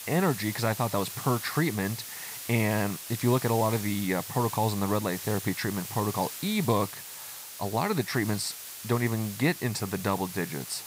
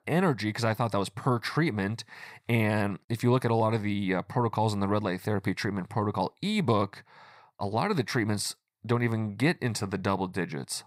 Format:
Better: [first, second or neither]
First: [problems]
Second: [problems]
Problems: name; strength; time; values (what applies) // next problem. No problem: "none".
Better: second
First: hiss; loud; throughout; 9 dB below the speech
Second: none